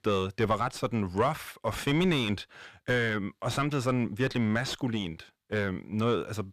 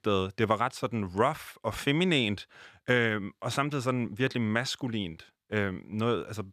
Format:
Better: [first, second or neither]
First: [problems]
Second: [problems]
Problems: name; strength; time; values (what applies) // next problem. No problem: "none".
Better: second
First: distortion; heavy; 7 dB below the speech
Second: none